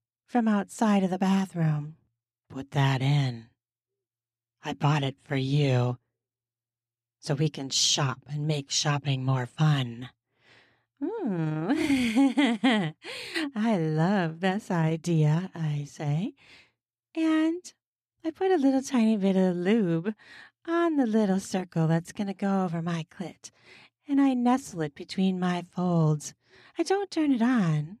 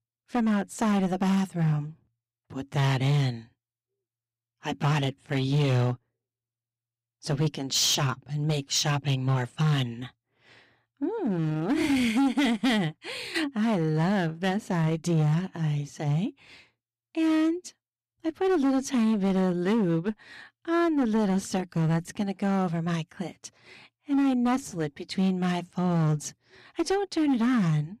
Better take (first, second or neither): first